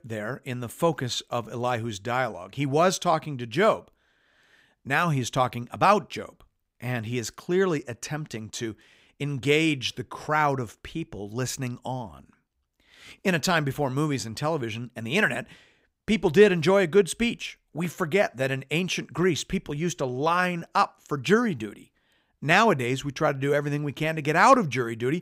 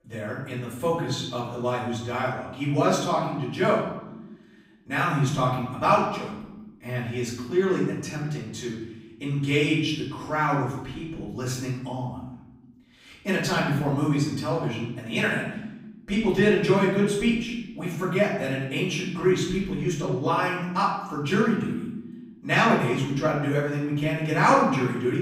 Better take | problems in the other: first | off-mic speech; far // room echo; noticeable; dies away in 1 s

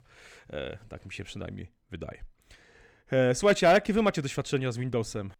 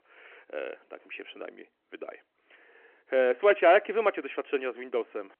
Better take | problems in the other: first | phone-call audio

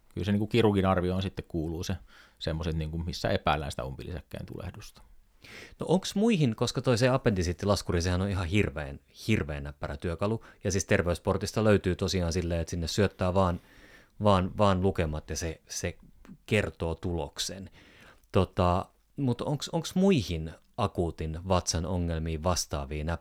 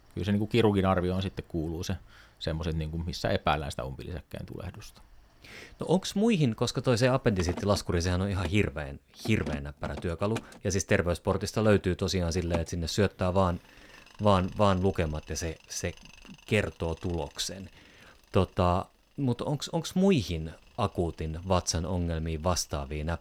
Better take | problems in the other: first | machinery noise; noticeable; throughout; 15 dB below the speech

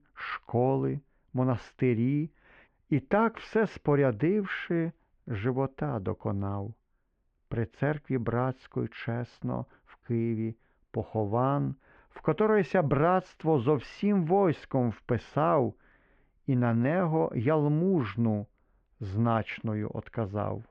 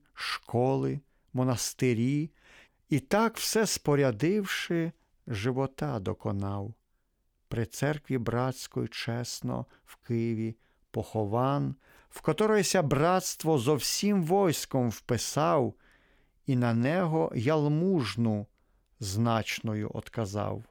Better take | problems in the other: second | muffled; very; fading above 2 kHz

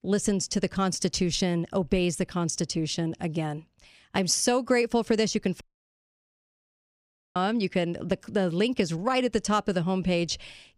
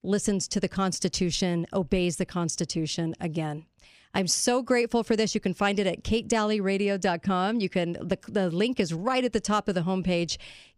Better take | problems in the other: second | audio cutting out; at 5.5 s for 2 s

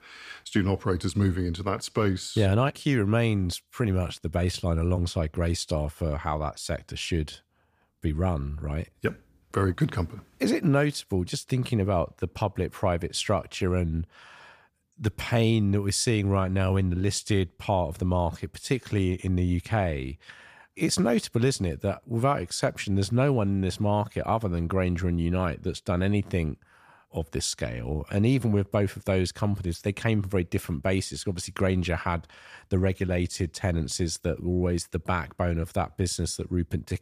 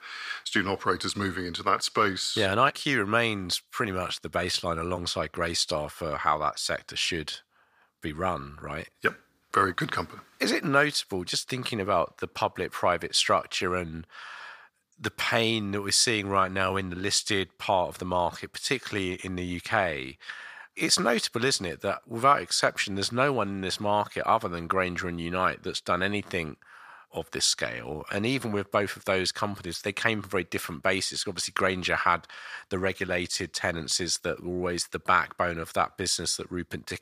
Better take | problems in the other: first | thin; somewhat; fading below 1 kHz

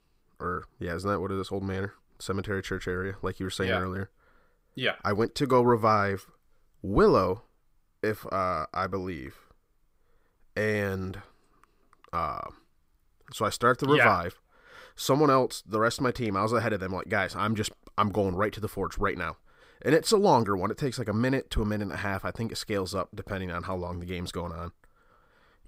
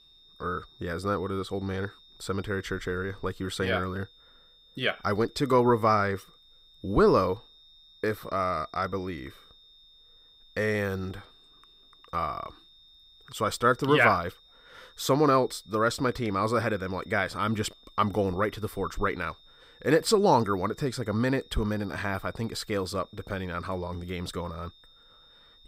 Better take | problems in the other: first | high-pitched whine; faint; throughout; 3.5 kHz, 25 dB below the speech

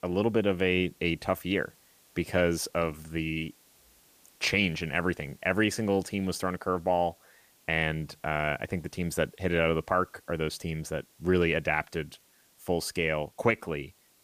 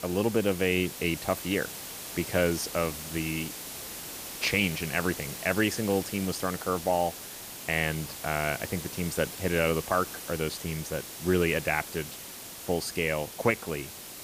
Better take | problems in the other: first | hiss; loud; throughout; 9 dB below the speech; faint in the first

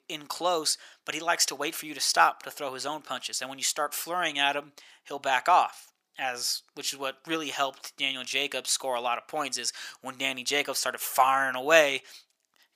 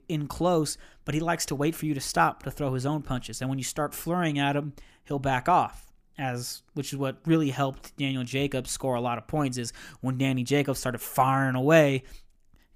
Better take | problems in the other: second | thin; very; fading below 700 Hz

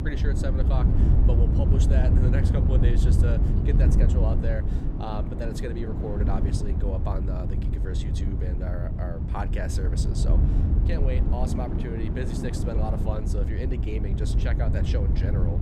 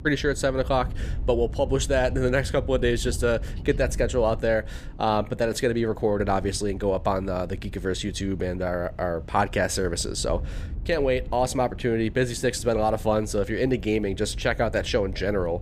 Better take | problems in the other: second | wind noise on the microphone; heavy; 1 dB below the speech; occasional gusts in the second

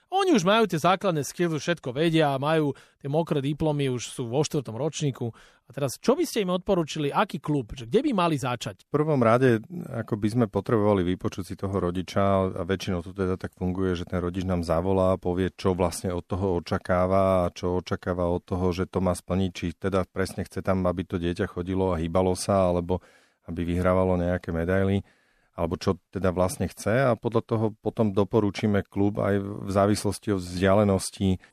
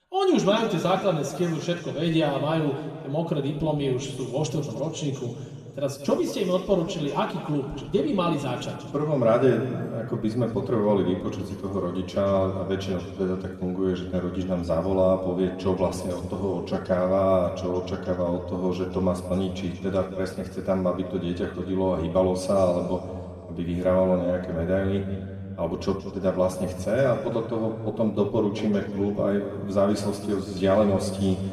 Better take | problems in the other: first | room echo; noticeable; dies away in 1.9 s // off-mic speech; far

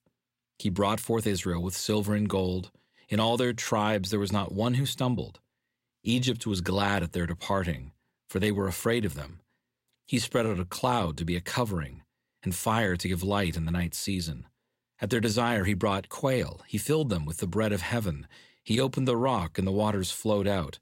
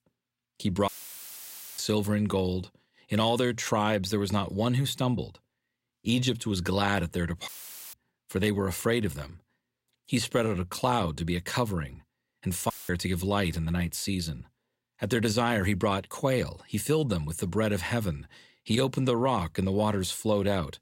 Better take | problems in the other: first | audio cutting out; filled with static; at 1 s for 1 s, at 7.5 s and at 13 s

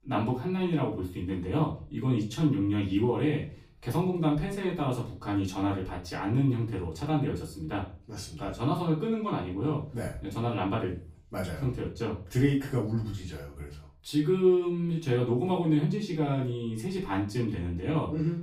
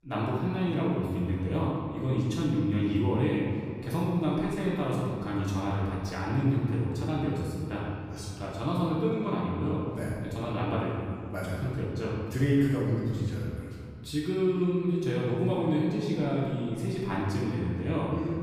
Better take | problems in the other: first | room echo; strong; dies away in 2.1 s; slight in the first // off-mic speech; far; far in the first

